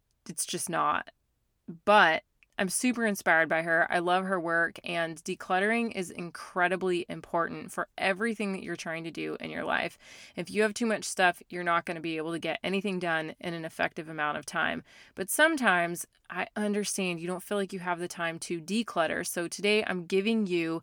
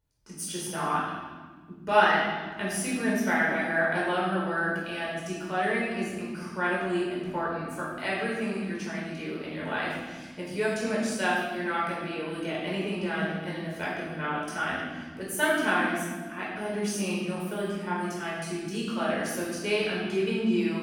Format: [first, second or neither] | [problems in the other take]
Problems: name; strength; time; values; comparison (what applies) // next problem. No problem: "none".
first | off-mic speech; far // room echo; strong; dies away in 1.6 s